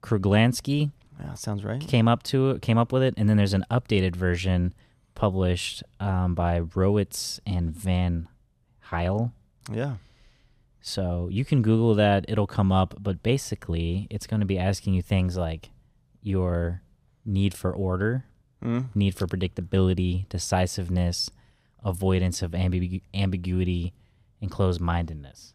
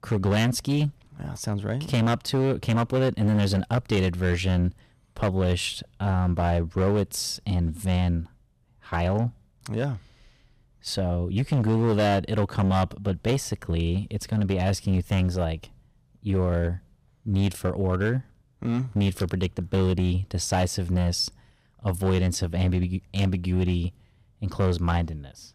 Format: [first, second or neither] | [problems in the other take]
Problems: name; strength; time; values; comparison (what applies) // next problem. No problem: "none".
first | distortion; slight; 9% of the sound clipped